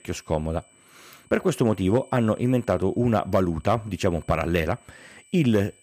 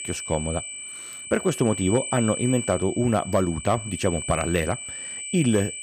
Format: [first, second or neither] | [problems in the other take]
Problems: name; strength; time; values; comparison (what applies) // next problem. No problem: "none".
first | high-pitched whine; loud; throughout; 8 kHz, 7 dB below the speech; faint in the first